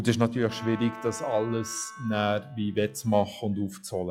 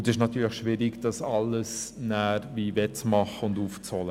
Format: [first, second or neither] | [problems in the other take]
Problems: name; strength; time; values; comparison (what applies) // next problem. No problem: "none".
second | noise reduction (classical method log-MMSE)